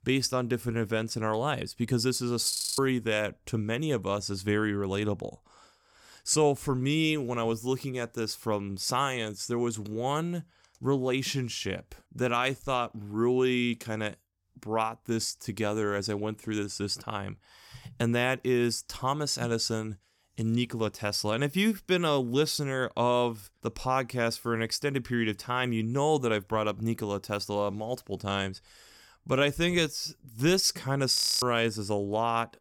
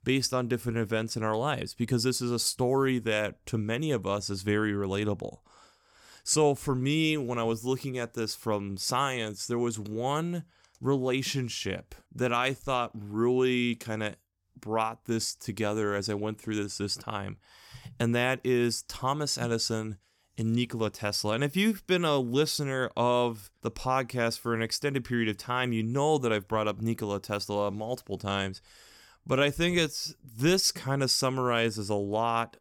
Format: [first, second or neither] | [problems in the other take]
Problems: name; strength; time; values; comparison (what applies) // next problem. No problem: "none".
second | audio freezing; at 2.5 s and at 31 s